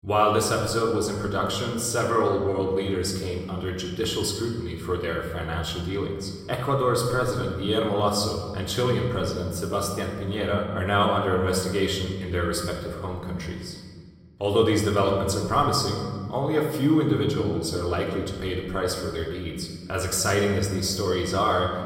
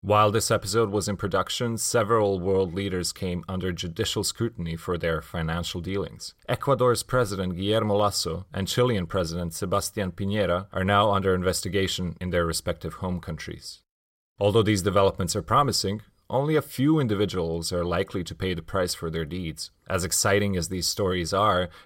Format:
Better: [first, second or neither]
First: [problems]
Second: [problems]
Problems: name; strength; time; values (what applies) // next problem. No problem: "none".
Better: second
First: room echo; noticeable; dies away in 1.4 s // off-mic speech; far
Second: none